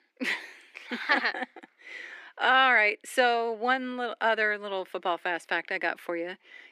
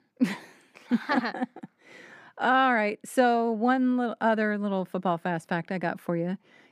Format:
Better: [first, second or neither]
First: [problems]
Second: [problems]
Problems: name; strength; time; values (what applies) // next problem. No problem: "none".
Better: second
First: thin; somewhat; fading below 350 Hz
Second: none